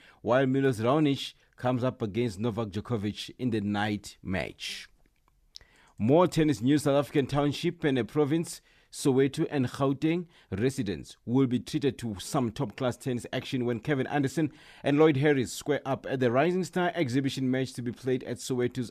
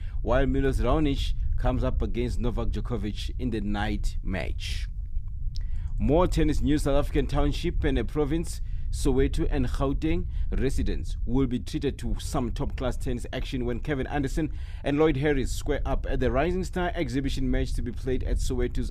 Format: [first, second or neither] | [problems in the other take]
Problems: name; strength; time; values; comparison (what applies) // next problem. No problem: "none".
first | low rumble; faint; throughout; 25 dB below the speech